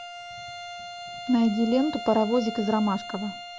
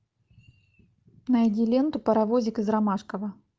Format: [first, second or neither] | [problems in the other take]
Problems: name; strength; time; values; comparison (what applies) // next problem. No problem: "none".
second | background sound (Bowed string instrument); 11 dB below the speech